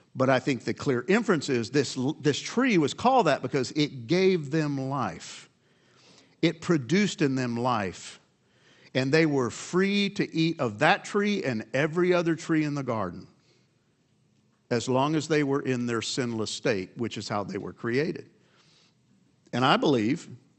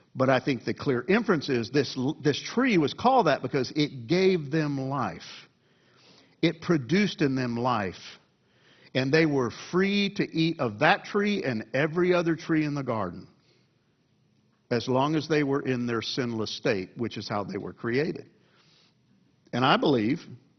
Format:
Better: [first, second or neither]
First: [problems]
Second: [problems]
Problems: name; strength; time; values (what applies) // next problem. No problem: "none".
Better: first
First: garbled, watery; slightly; nothing above 8 kHz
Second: garbled, watery; badly; nothing above 6 kHz